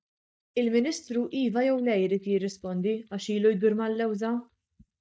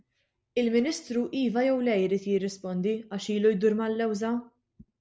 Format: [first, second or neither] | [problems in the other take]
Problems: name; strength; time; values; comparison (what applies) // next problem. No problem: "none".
second | noise reduction (neural mask model DeepFilterNet 3)